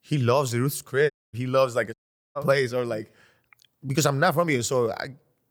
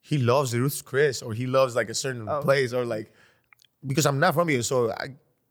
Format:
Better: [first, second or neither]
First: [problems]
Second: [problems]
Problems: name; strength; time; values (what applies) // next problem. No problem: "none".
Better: second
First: audio cutting out; at 1 s and at 2 s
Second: none